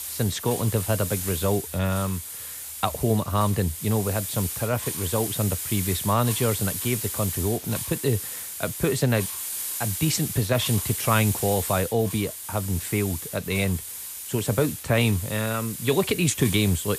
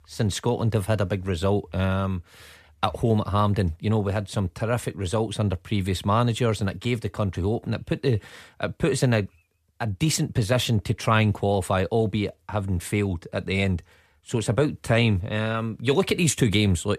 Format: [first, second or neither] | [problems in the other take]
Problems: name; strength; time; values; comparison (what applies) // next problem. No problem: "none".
second | hiss; loud; throughout; 5 dB below the speech